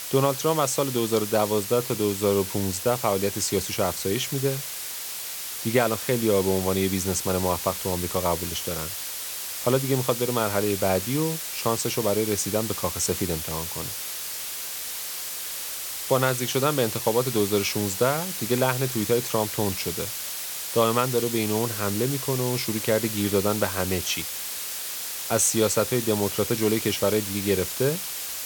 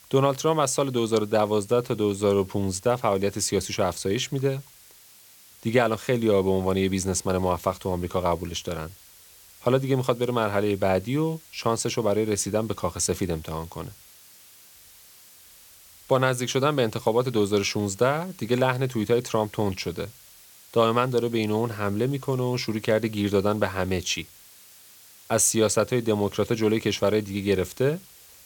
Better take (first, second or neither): second